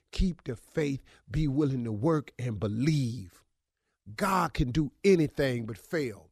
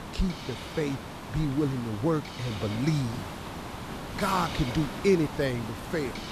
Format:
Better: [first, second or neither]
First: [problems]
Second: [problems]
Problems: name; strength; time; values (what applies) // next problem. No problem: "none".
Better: first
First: none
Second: hiss; loud; throughout; 8 dB below the speech